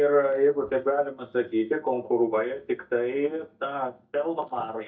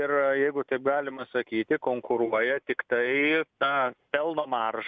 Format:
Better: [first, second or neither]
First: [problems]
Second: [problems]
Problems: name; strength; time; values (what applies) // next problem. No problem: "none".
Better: second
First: noise reduction (neural mask model DeepFilterNet 3)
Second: none